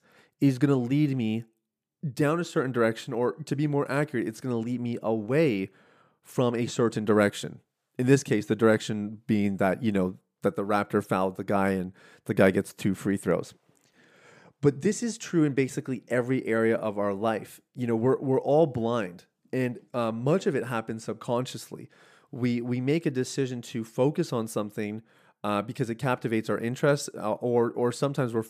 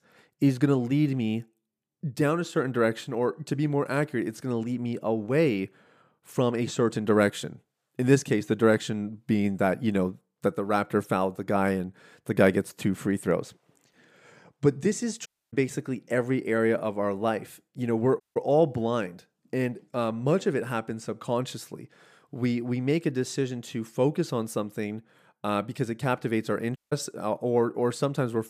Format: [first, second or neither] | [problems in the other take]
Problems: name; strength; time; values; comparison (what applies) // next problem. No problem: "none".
first | audio cutting out; at 15 s, at 18 s and at 27 s